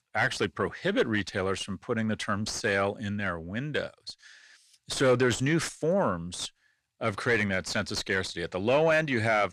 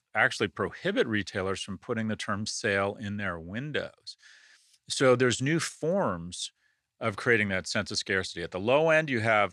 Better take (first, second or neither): second